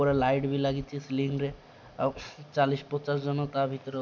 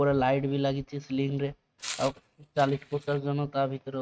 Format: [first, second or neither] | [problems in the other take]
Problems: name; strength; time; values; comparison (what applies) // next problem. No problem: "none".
first | noise reduction (neural mask model RNNoise)